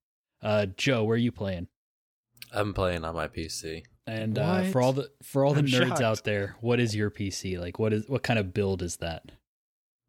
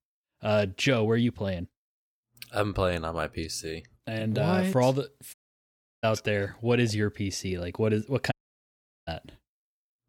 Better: first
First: none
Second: audio cutting out; at 5.5 s for 0.5 s and at 8.5 s for 1 s

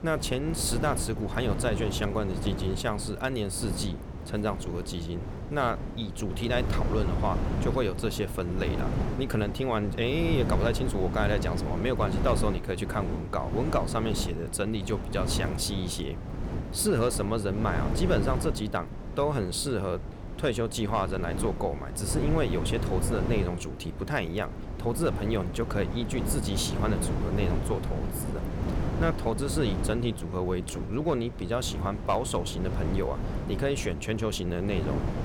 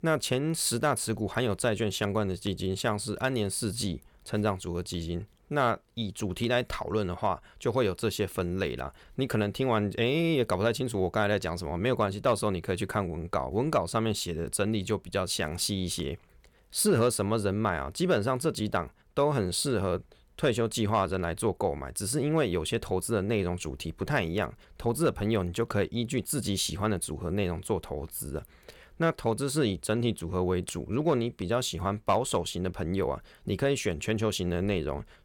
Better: second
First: wind noise on the microphone; heavy; 8 dB below the speech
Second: none

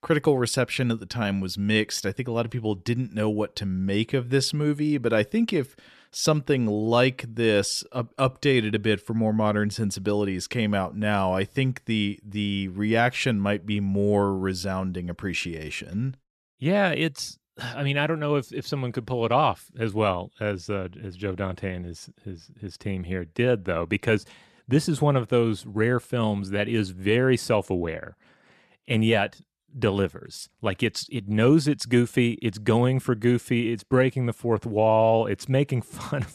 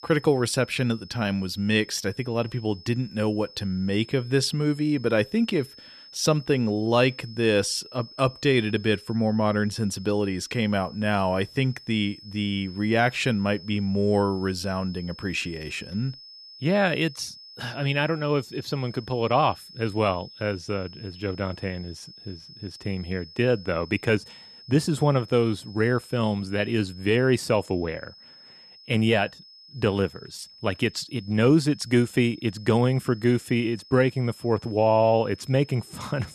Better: first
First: none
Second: high-pitched whine; noticeable; throughout; 5 kHz, 20 dB below the speech

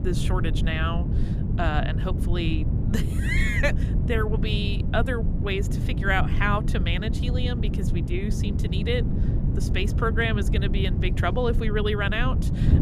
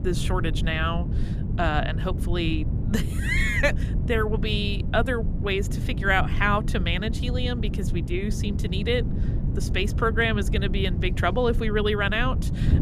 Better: second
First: wind noise on the microphone; heavy; 9 dB below the speech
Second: wind noise on the microphone; occasional gusts; 15 dB below the speech

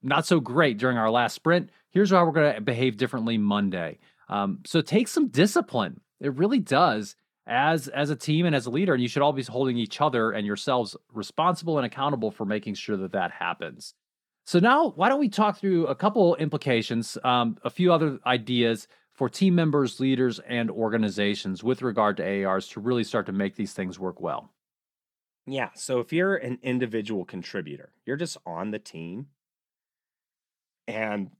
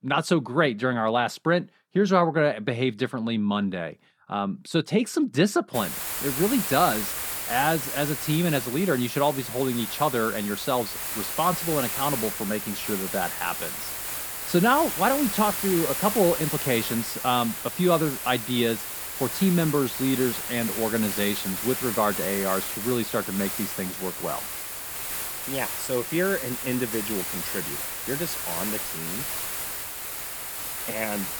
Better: first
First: none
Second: hiss; loud; from 6 s on; 3 dB below the speech

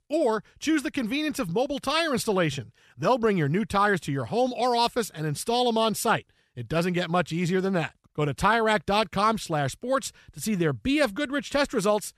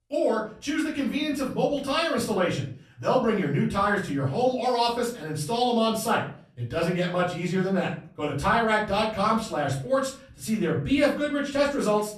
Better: first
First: none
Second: off-mic speech; far // room echo; slight; dies away in 0.4 s

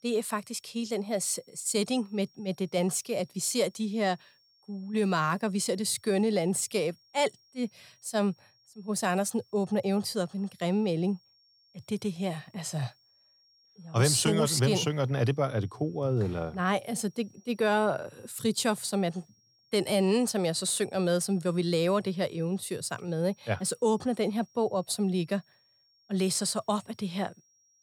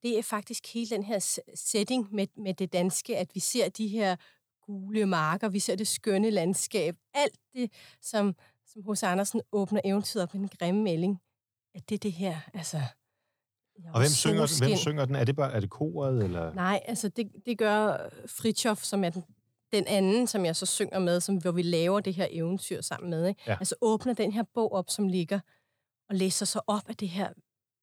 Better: second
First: high-pitched whine; faint; throughout; 5.5 kHz, 35 dB below the speech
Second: none

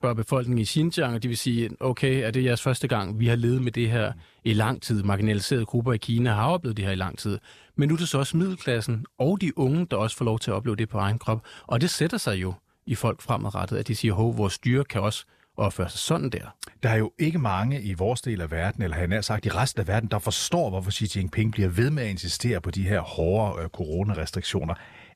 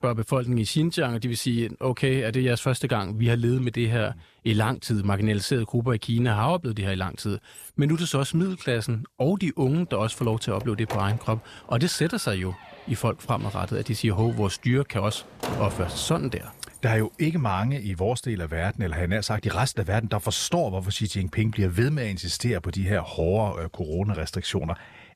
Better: first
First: none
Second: clattering dishes; faint; at 7.5 s; peak 20 dB below the speech // door banging; noticeable; from 10 to 17 s; peak 5 dB below the speech

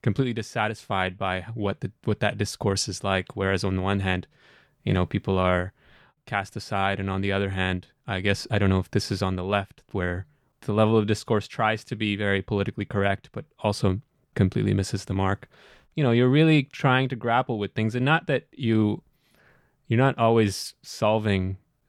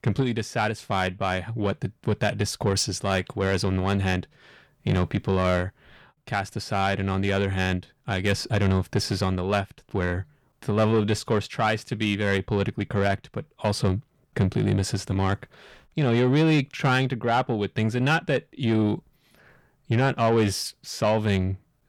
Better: first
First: none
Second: distortion; slight; 10 dB below the speech

